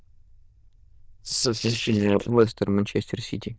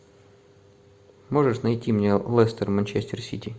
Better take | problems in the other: second | noise reduction (neural diffusion model UNIVERSE++)

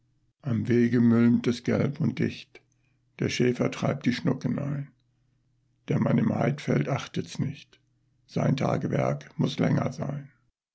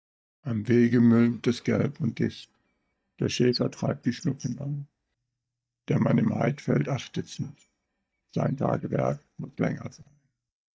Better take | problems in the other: first | noise reduction (neural mask model DeepFilterNet 3)

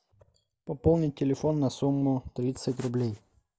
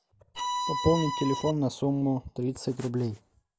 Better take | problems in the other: first | background sound (Bowed string instrument); 2 dB below the speech

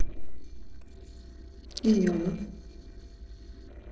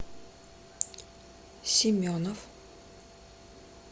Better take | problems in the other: second | noise reduction (neural separator model SepFormer DNS4)

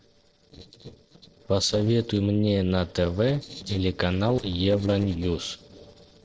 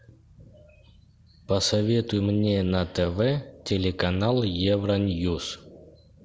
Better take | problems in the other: second | noise reduction (neural separator model SepFormer DNS4)

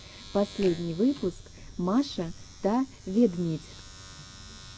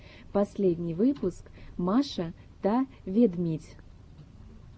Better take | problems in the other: second | background sound (Domestic sounds, home sounds); 18 dB below the speech

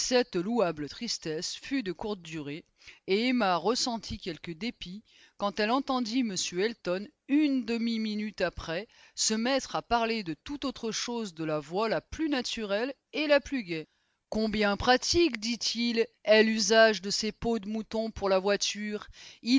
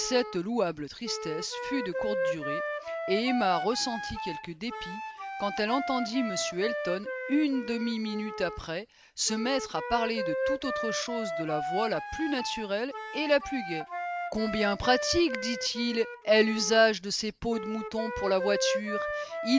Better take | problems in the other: first | background sound (Wind instrument, woodwind instrument); 5 dB below the speech

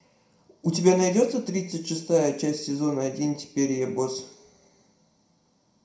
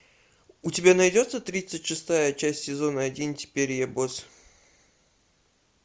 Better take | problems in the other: second | room echo; dies away in 0.5 s

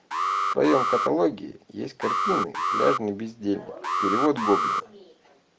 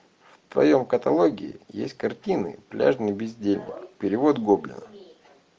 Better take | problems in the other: second | background sound (Alarm); 1 dB below the speech

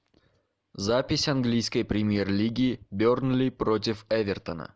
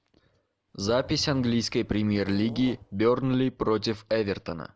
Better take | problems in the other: first | background sound (Fart / Drawer open or close); 20 dB below the speech

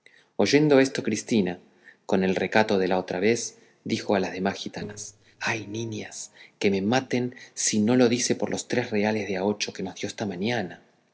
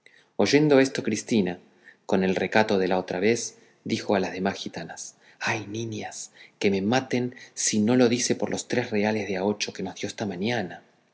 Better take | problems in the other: second | noise reduction (neural separator model SepFormer DNS4)

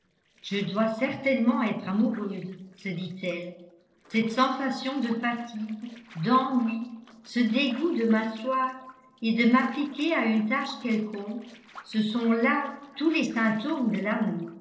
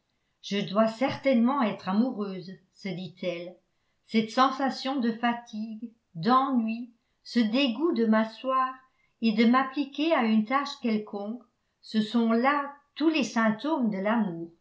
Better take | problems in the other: second | noise reduction (neural separator model SepFormer DNS4)

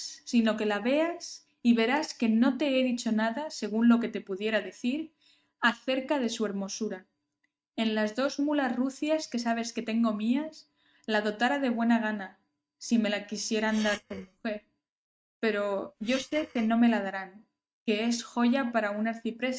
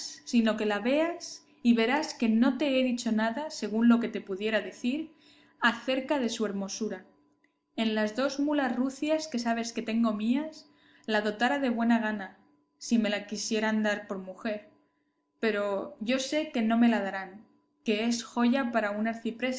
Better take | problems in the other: second | noise reduction (neural mask model RNNoise)

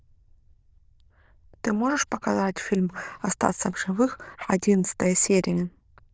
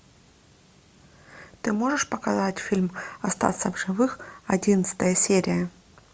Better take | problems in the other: second | noise reduction (neural diffusion model UNIVERSE++)

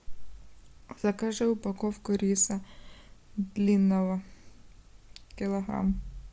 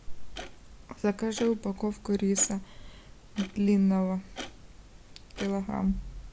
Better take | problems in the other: first | background sound (Clock); 17 dB below the speech

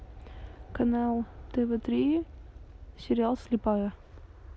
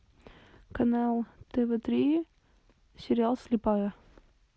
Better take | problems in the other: second | background sound (Aircraft); 15 dB below the speech

